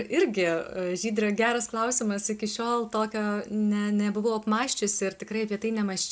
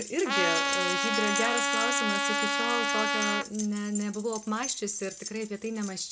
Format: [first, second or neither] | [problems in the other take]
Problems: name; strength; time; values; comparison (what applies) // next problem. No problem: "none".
first | background sound (Keys jangling + Trumpet); 2 dB above the speech